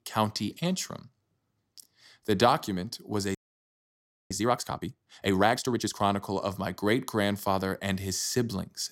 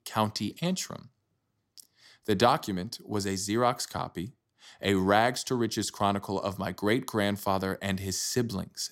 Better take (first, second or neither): second